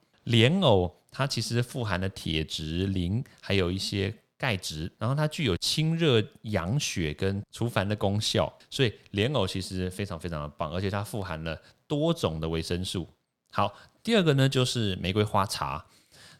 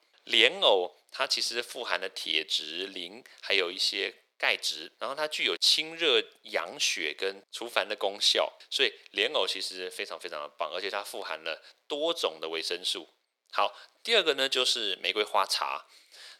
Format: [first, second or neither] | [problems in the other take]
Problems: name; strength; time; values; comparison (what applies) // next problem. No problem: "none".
first | thin; very; fading below 400 Hz